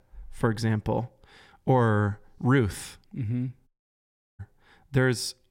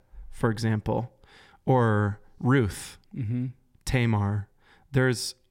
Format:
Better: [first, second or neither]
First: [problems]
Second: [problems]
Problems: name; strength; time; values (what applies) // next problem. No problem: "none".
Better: second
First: audio cutting out; at 3.5 s for 0.5 s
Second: none